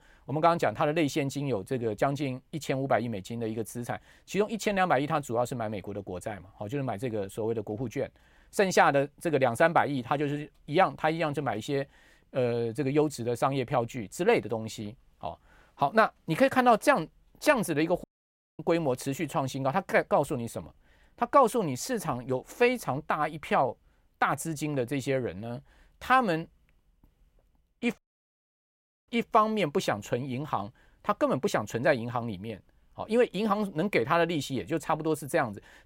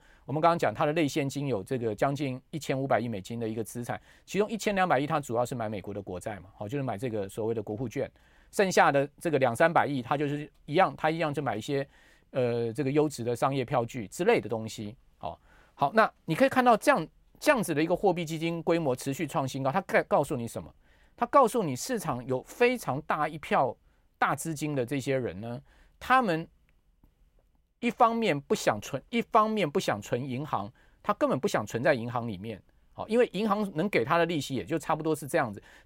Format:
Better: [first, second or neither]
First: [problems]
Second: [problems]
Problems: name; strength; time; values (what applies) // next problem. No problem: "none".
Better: second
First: audio cutting out; at 18 s for 0.5 s and at 28 s for 1 s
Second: none